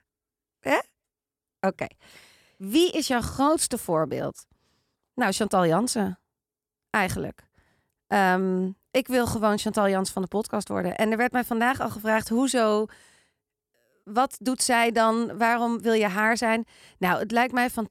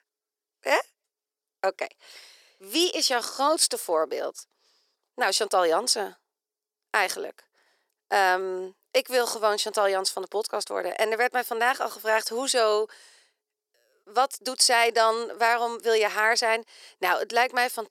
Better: first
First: none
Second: thin; very; fading below 400 Hz

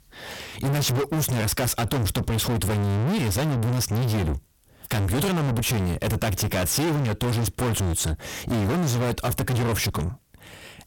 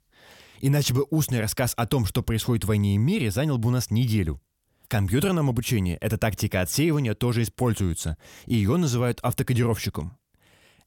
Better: second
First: distortion; heavy; 5 dB below the speech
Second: none

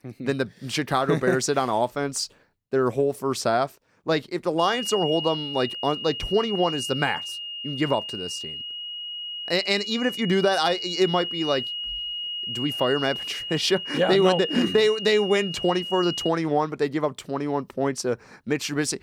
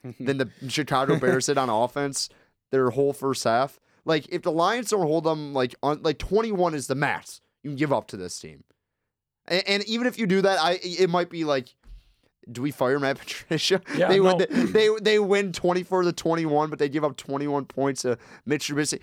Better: second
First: high-pitched whine; loud; from 4.5 to 16 s; 3 kHz, 6 dB below the speech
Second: none

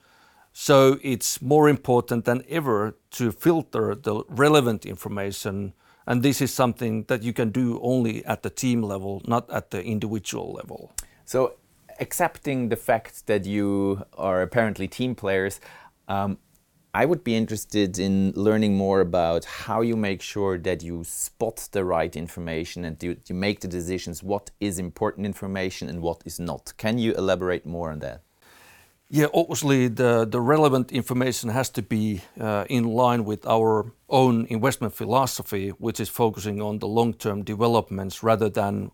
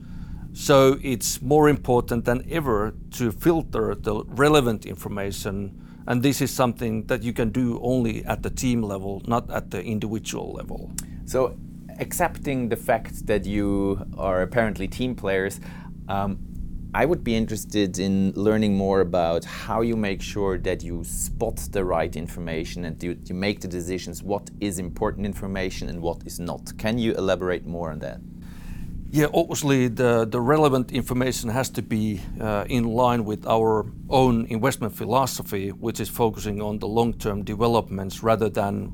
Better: first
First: none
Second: low rumble; faint; throughout; 25 dB below the speech

